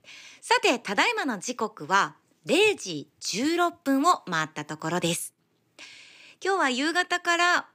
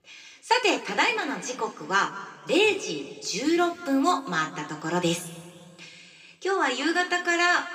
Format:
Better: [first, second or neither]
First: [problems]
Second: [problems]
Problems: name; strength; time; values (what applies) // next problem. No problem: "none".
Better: first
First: none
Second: room echo; slight; dies away in 1.9 s